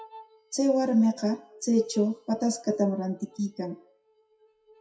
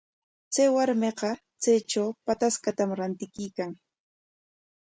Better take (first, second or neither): second